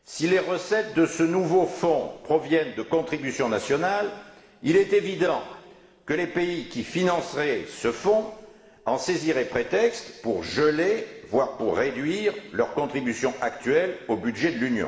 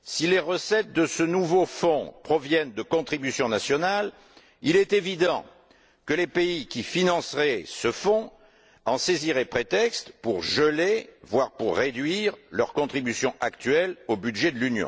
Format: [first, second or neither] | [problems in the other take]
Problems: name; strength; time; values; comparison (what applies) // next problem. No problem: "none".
second | room echo; dies away in 1.7 s